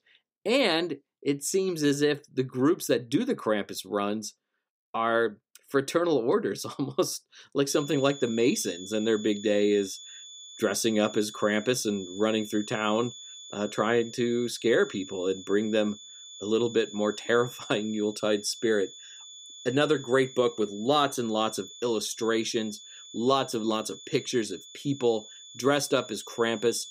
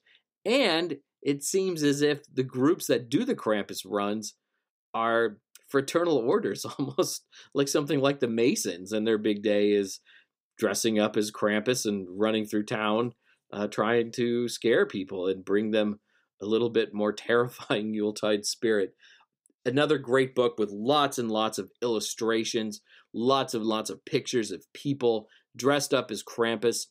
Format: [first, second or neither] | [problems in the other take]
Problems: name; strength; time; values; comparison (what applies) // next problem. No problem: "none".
second | high-pitched whine; noticeable; from 7.5 s on; 3.5 kHz, 15 dB below the speech